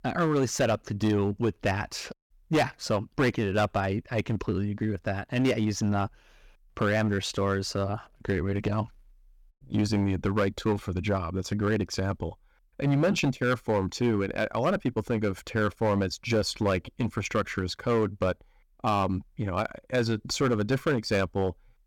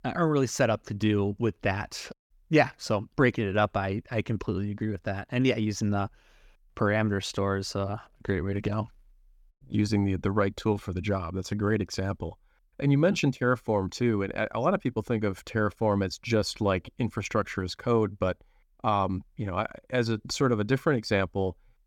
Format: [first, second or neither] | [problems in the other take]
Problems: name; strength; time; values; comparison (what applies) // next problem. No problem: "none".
second | distortion; slight; 6% of the sound clipped